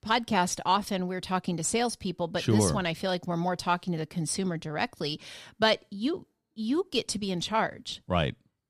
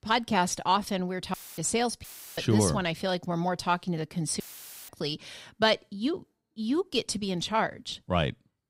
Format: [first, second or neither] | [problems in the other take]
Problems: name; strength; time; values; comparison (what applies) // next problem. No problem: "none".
first | audio cutting out; filled with static; at 1.5 s, at 2 s and at 4.5 s